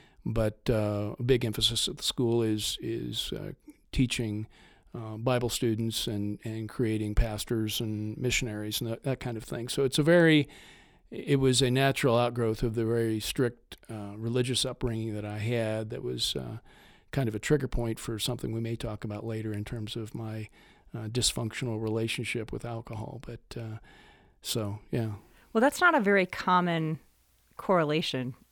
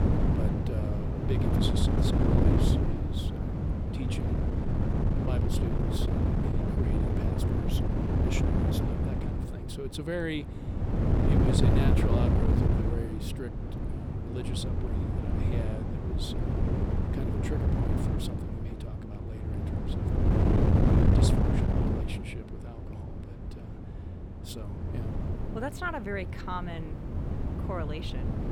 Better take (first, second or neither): first